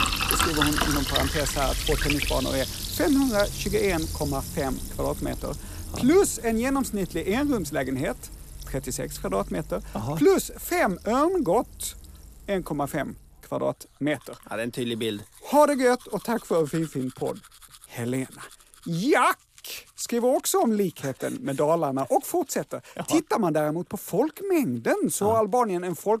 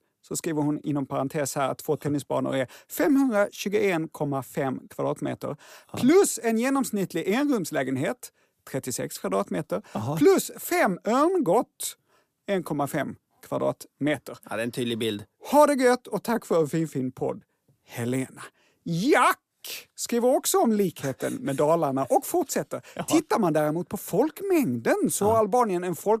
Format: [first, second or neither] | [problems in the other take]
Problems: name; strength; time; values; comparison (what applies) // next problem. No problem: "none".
second | household noises; loud; throughout; 5 dB below the speech